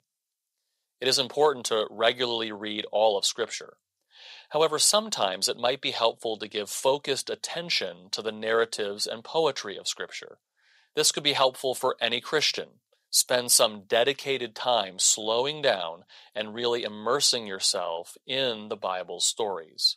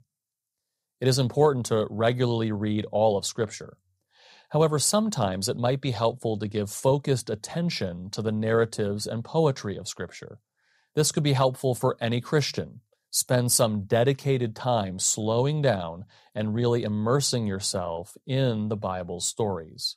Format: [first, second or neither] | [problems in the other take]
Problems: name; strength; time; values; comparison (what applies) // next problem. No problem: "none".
second | thin; very; fading below 450 Hz